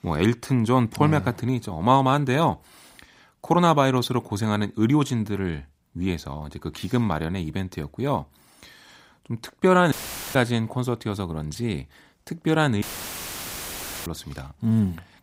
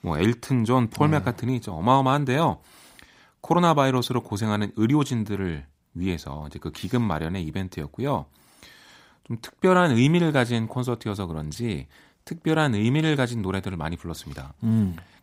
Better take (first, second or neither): second